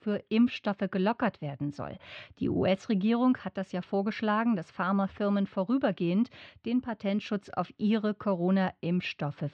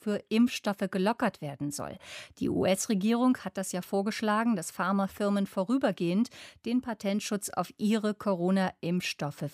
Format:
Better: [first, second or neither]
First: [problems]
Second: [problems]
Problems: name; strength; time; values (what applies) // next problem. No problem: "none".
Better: second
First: muffled; slightly; fading above 4 kHz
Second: none